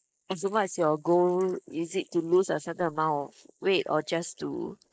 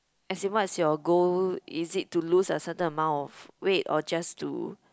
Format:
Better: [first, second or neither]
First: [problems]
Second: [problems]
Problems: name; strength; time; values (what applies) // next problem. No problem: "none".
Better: second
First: noise reduction (neural mask model Resemble Enhance denoiser)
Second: none